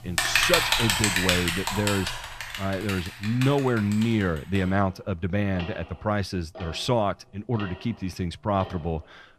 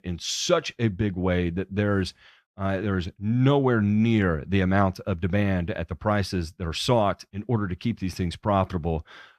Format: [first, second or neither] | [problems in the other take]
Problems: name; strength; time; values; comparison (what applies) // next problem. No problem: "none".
second | household noises; very loud; throughout; 2 dB above the speech